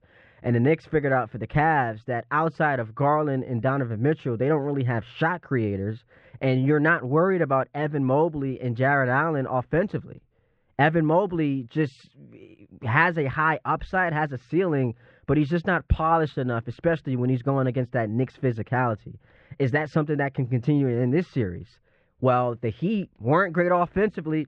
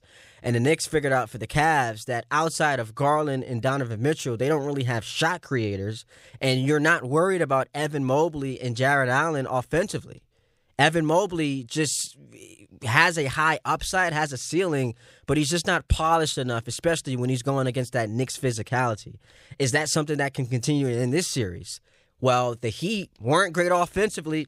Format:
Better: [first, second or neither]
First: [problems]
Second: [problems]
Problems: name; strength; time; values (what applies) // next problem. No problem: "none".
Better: second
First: muffled; very; fading above 2 kHz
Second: none